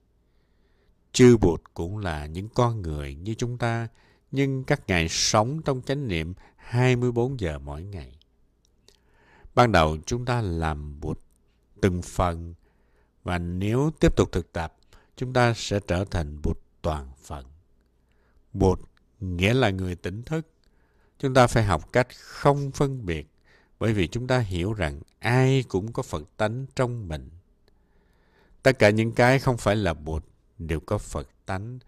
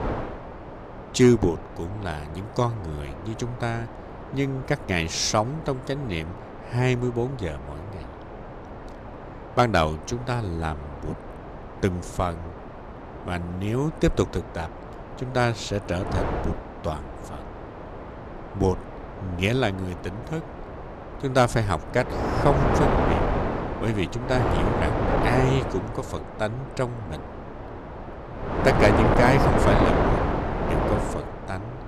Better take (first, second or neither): first